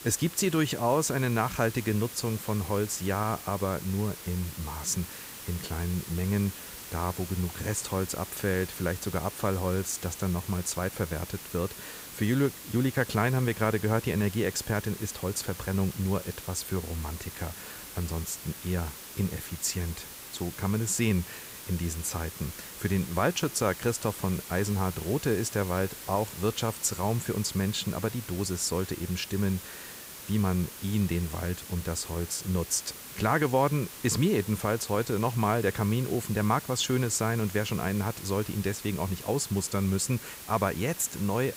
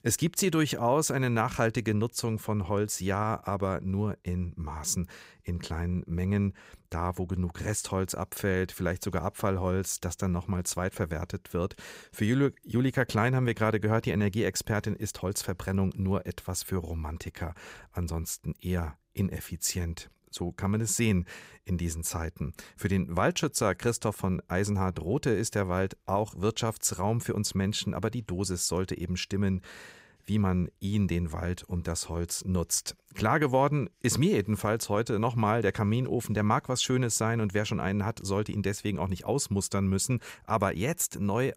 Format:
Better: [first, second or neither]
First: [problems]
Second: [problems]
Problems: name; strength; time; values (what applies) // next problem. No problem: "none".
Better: second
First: hiss; noticeable; throughout; 10 dB below the speech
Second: none